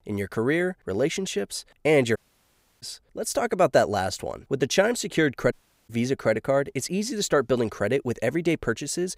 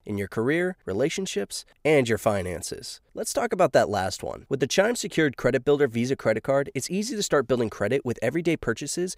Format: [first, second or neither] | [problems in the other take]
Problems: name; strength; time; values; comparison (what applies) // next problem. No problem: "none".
second | audio cutting out; at 2 s for 0.5 s and at 5.5 s